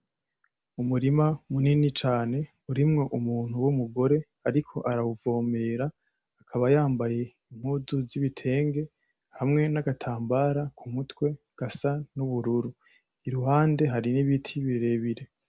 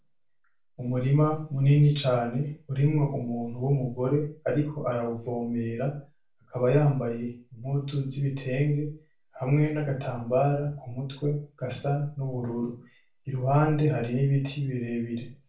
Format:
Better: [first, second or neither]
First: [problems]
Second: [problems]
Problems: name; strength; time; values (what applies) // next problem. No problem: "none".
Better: first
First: none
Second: room echo; dies away in 0.3 s